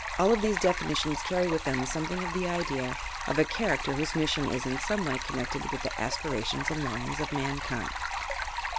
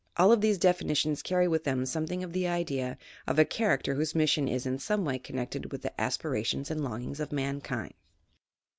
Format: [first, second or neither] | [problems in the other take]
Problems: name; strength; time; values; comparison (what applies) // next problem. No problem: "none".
second | background sound (Stream); 4 dB below the speech